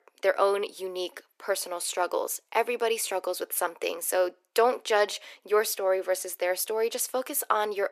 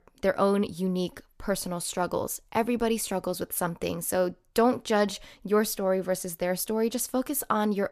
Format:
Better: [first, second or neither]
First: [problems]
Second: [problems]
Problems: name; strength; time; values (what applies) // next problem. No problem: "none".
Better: second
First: thin; very; fading below 350 Hz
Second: none